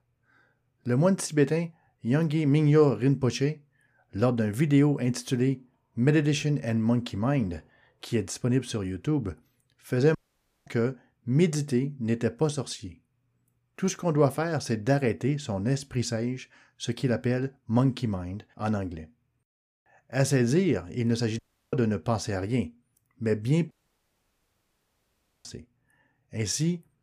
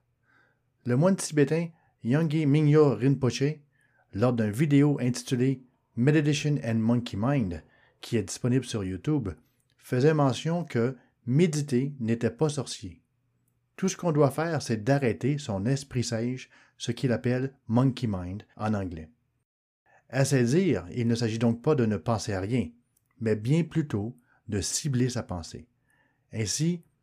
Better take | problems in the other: second | audio cutting out; at 10 s for 0.5 s, at 21 s and at 24 s for 1.5 s

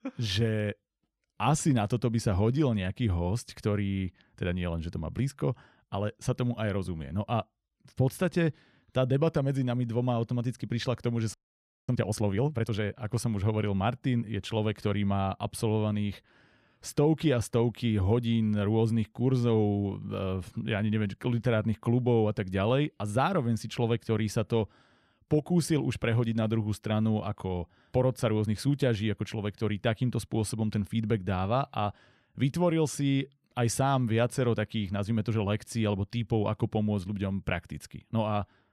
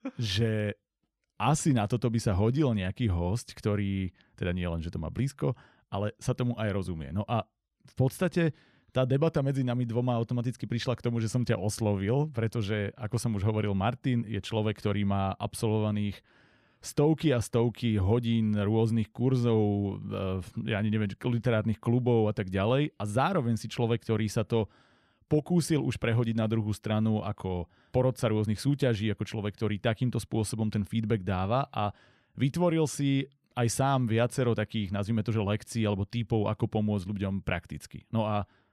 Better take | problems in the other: second | audio freezing; at 11 s for 0.5 s

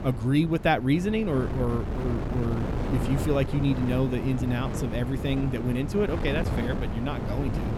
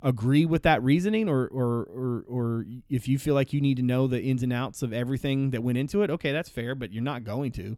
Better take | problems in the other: second | wind noise on the microphone; heavy; 6 dB below the speech

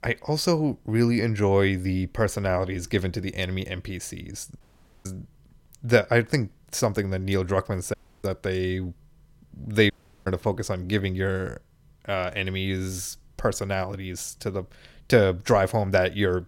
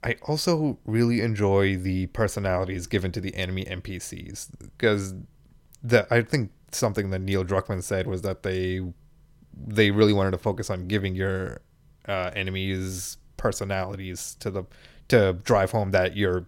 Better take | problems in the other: second | audio cutting out; at 4.5 s, at 8 s and at 10 s

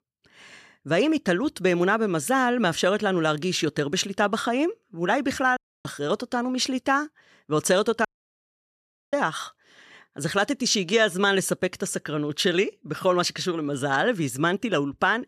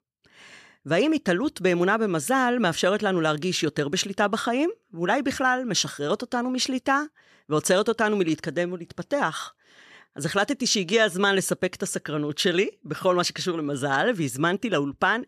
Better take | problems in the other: second | audio cutting out; at 5.5 s and at 8 s for 1 s

